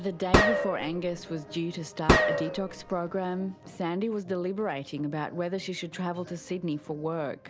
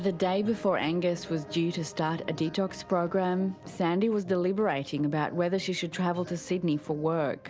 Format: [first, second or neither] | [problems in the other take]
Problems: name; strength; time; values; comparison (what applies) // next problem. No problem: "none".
second | background sound (Gunshot, gunfire); 4 dB above the speech